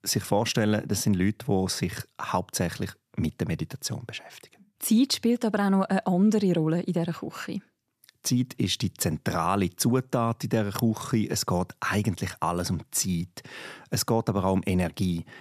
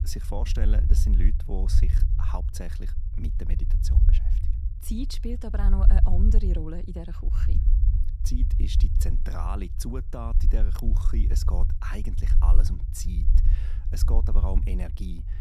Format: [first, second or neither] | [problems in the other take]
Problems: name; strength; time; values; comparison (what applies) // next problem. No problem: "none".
first | low rumble; loud; throughout; 6 dB below the speech